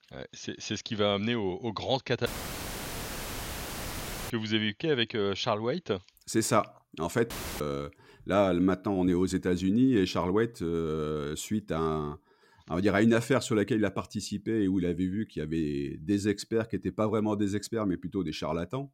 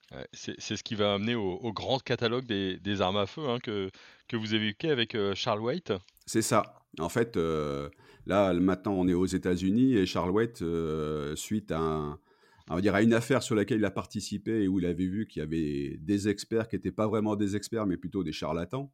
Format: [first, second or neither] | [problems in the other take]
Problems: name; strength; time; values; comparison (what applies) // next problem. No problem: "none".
second | audio cutting out; filled with static; at 2.5 s for 2 s and at 7.5 s